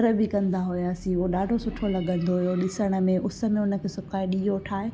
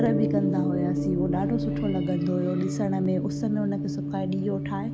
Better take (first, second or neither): first